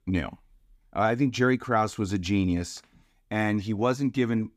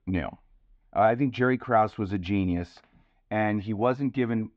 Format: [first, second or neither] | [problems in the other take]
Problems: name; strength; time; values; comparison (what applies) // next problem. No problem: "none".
first | muffled; very; fading above 3 kHz